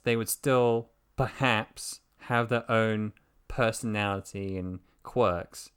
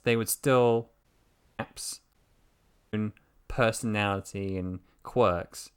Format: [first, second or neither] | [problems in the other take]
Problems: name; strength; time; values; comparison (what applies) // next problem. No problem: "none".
first | audio cutting out; at 1 s for 0.5 s and at 2 s for 1 s